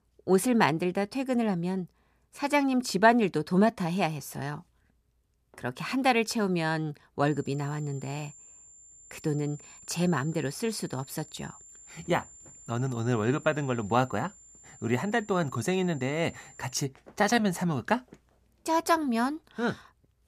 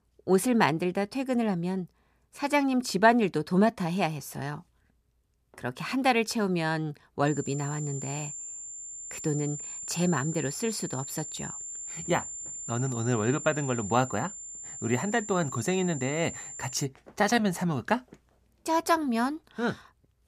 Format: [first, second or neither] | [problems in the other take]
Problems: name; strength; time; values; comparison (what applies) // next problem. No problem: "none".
first | high-pitched whine; loud; from 7.5 to 17 s; 7 kHz, 8 dB below the speech; faint in the first